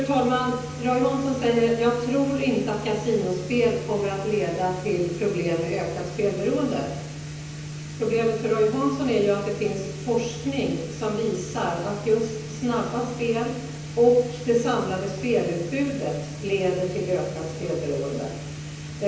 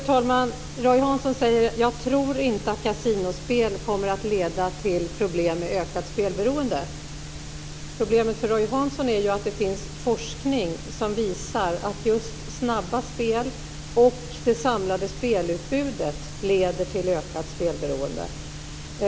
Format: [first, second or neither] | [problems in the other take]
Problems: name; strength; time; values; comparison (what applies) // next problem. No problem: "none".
second | room echo; dies away in 0.9 s